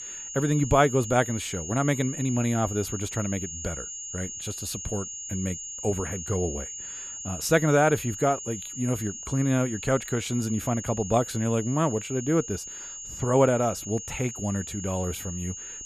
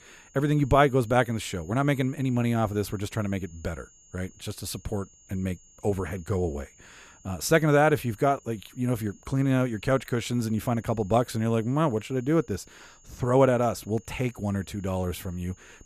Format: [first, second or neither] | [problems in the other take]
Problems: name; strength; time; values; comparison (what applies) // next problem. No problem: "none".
second | high-pitched whine; loud; throughout; 6.5 kHz, 8 dB below the speech; faint in the second